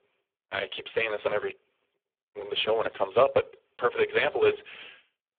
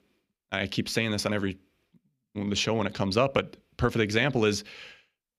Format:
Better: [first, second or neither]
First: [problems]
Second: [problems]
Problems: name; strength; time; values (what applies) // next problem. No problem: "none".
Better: second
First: phone-call audio; poor line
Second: none